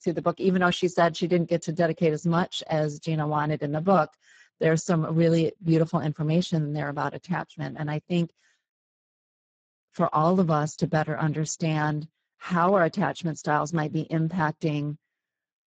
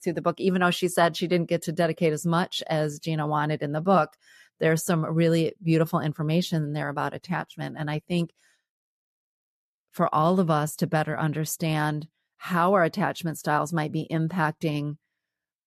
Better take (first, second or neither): second